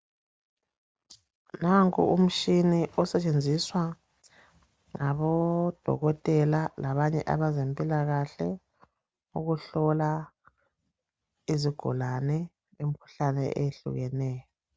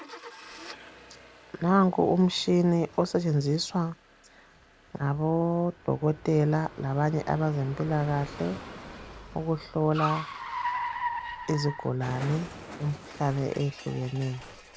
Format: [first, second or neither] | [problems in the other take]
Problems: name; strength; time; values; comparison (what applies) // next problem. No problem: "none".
first | background sound (Car); 12 dB below the speech